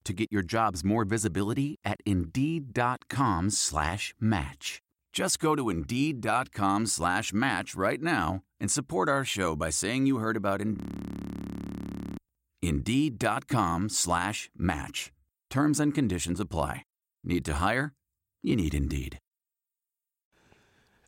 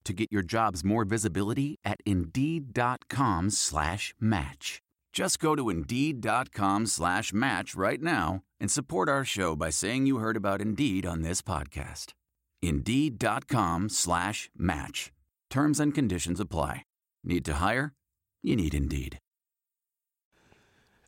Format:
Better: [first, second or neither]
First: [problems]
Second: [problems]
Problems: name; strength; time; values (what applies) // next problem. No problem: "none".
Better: second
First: audio freezing; at 11 s for 1.5 s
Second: none